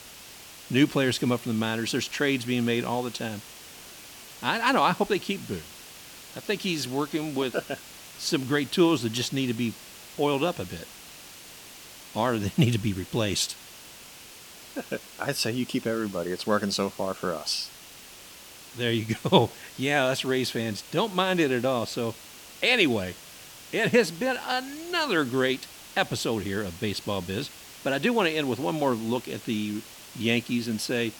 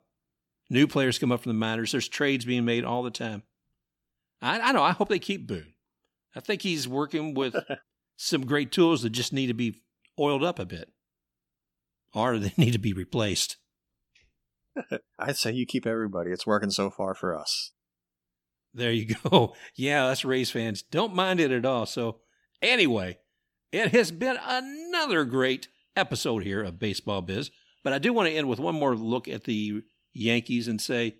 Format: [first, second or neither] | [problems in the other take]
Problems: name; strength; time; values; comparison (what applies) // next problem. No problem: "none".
second | hiss; noticeable; throughout; 15 dB below the speech